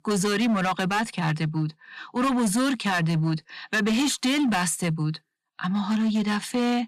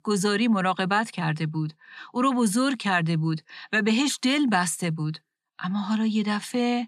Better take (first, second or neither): second